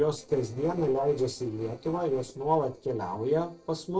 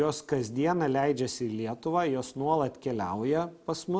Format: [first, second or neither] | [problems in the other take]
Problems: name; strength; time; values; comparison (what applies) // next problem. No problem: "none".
second | noise reduction (neural separator model SepFormer DNS4)